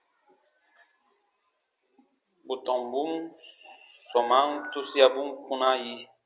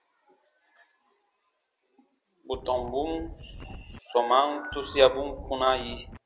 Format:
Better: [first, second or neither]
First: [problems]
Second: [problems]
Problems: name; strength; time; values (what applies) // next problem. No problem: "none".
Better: first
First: none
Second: background sound (Wind); 13 dB below the speech